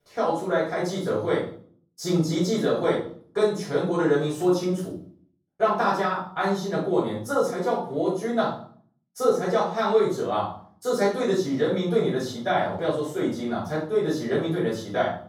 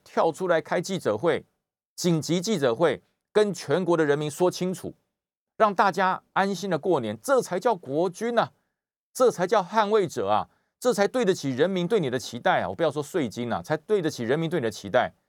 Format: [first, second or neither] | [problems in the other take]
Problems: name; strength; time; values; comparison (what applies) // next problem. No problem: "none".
second | off-mic speech; far // room echo; noticeable; dies away in 0.4 s